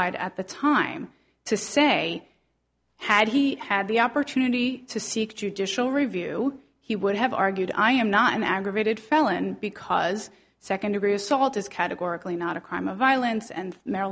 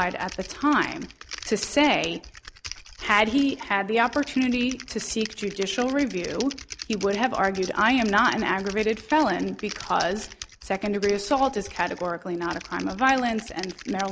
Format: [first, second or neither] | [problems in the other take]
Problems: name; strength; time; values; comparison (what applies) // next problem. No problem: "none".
first | background sound (Typing); 16 dB below the speech